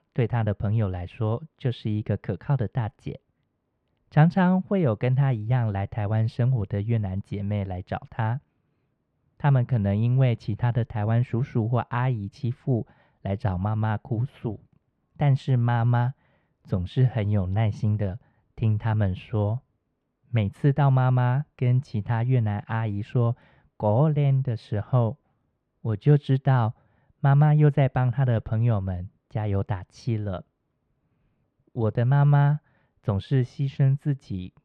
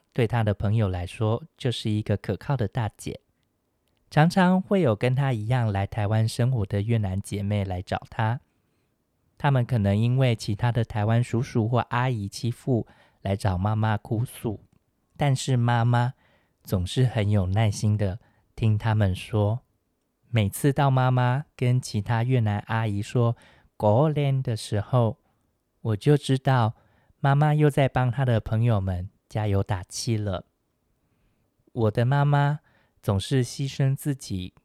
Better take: second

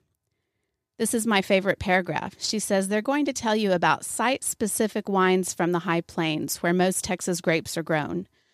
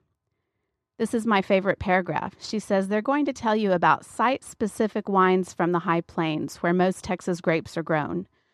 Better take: first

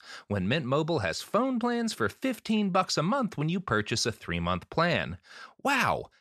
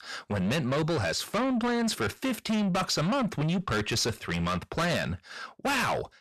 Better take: first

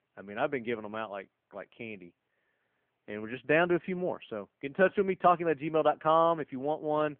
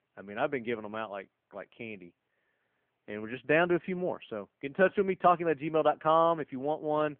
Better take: neither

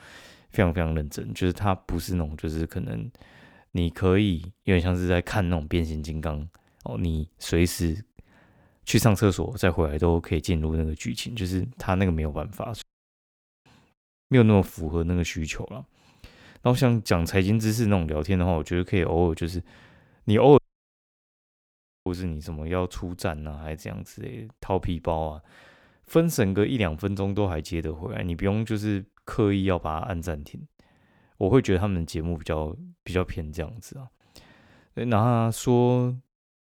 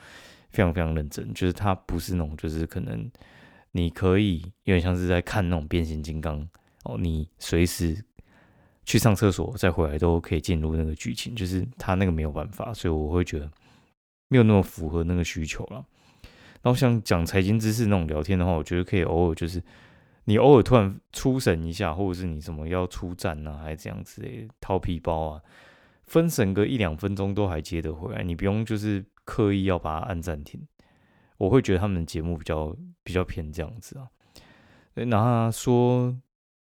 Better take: second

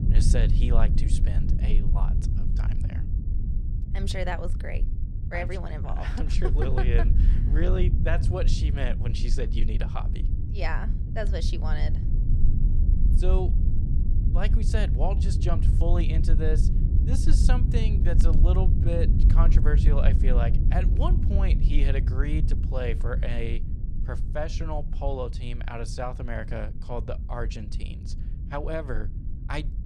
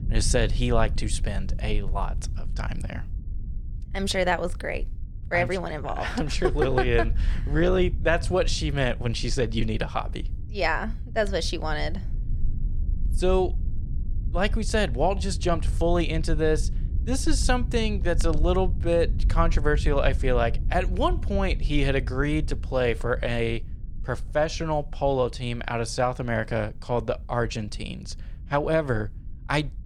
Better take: second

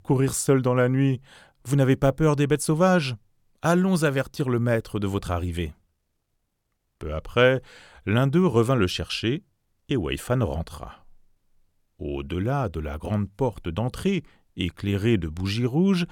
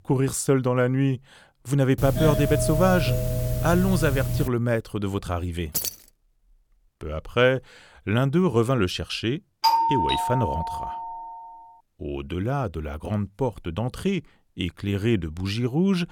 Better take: first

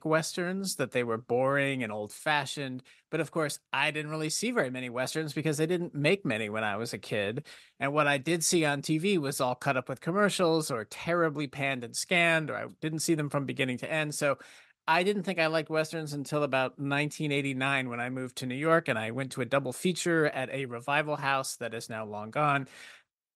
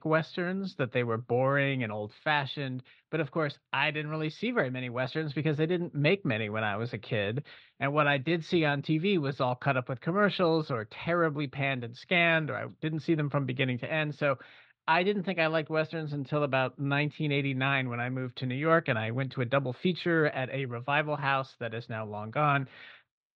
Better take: first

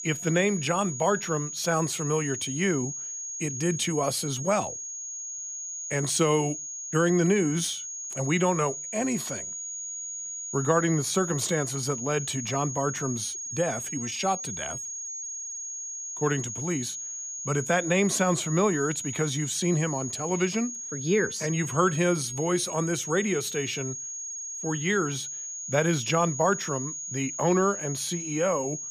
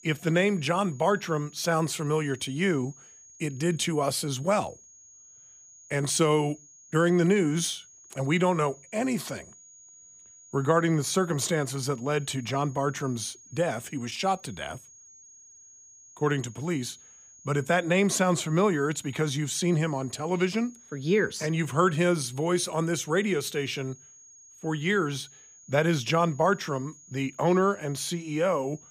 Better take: second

